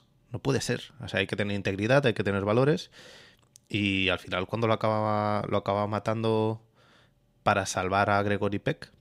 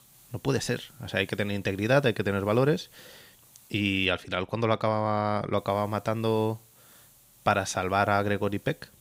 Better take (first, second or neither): first